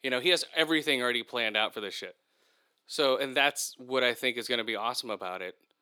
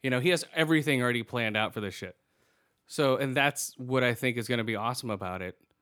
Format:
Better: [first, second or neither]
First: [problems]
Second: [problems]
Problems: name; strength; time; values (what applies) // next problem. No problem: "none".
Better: second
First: thin; somewhat; fading below 400 Hz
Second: none